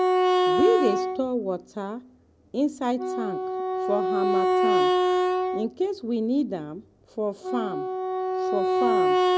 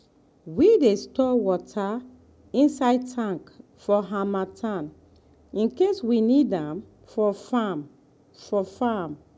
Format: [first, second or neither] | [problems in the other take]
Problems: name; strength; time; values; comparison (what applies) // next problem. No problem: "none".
second | background sound (Wind instrument, woodwind instrument); 4 dB above the speech